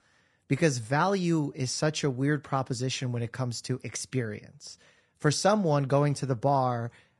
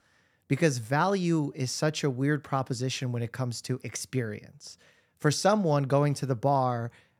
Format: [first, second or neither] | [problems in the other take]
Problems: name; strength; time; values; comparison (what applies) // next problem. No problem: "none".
second | garbled, watery; slightly; nothing above 10.5 kHz